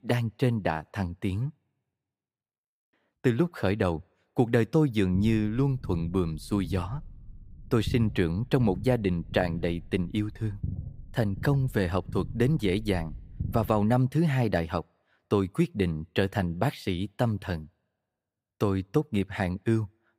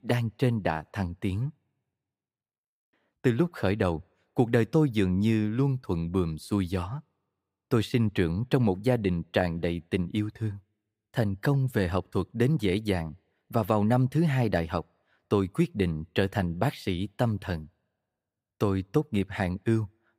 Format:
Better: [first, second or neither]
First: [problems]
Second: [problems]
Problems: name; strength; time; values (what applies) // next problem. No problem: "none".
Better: second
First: low rumble; faint; from 5 to 14 s; 20 dB below the speech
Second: none